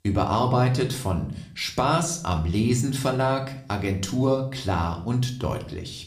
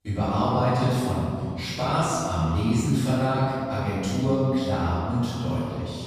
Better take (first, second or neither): first